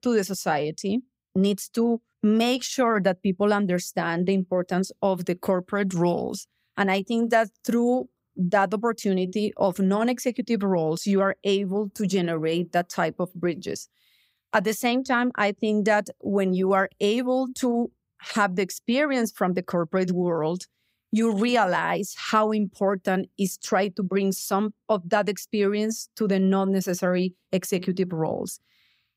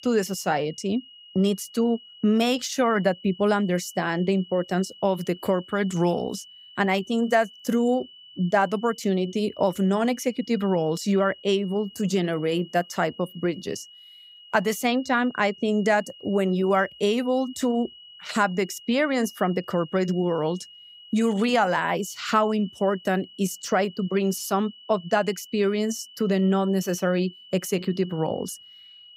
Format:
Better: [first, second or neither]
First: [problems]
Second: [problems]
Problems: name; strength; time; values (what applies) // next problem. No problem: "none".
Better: first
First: none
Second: high-pitched whine; faint; throughout; 3 kHz, 20 dB below the speech